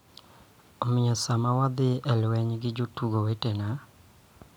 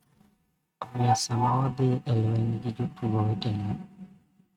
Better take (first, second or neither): first